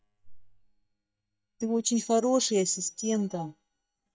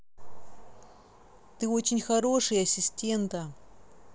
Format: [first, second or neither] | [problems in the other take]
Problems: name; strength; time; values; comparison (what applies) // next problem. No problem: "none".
second | noise reduction (neural mask model DeepFilterNet 3)